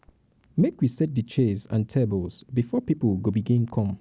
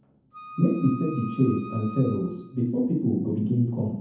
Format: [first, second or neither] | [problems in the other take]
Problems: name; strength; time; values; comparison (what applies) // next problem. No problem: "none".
first | background sound (Wind instrument, woodwind instrument); 16 dB below the speech // room echo; dies away in 0.7 s